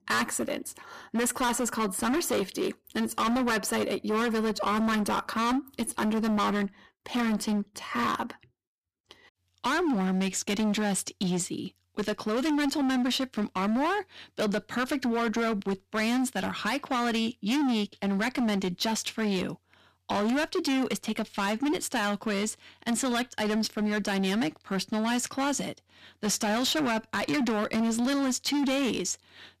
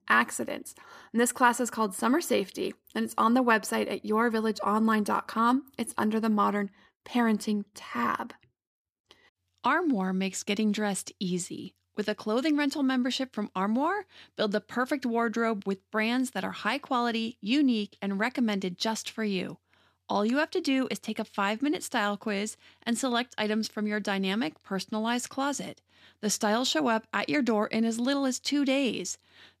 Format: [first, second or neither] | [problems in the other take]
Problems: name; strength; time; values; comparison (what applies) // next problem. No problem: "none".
second | distortion; heavy; 21% of the sound clipped